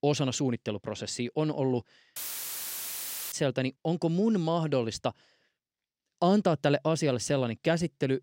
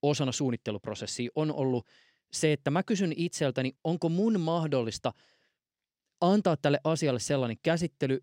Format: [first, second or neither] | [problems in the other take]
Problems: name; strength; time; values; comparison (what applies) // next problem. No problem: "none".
second | audio cutting out; filled with static; at 2 s for 1 s